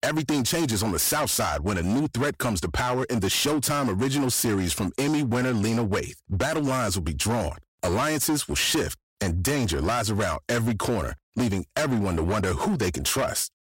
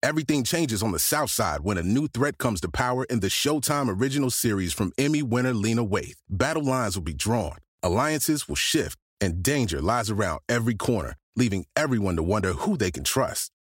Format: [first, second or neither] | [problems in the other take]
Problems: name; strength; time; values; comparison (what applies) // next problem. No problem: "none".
second | distortion; heavy; 19% of the sound clipped